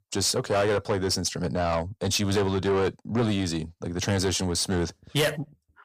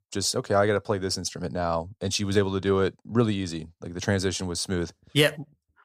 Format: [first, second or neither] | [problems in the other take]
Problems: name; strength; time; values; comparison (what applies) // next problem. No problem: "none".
second | distortion; heavy; 7 dB below the speech